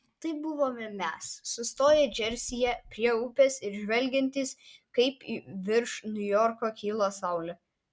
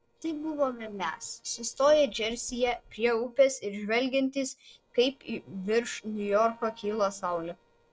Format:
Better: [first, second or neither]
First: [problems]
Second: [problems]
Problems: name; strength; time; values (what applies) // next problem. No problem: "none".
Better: first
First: none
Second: noise reduction (neural separator model SepFormer DNS4)